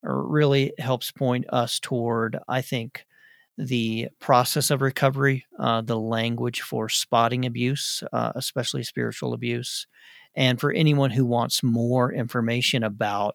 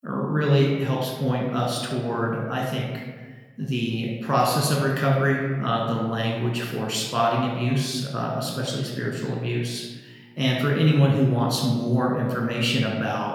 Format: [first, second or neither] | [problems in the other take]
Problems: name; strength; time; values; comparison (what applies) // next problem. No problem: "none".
first | off-mic speech; somewhat distant // room echo; noticeable; dies away in 1.2 s